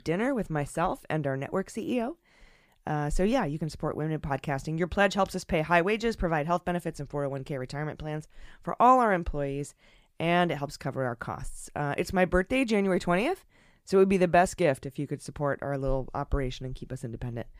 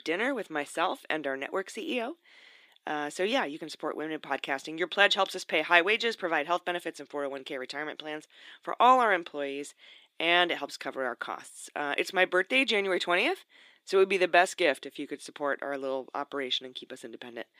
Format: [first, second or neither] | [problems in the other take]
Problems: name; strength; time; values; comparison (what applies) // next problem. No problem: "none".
first | thin; somewhat; fading below 300 Hz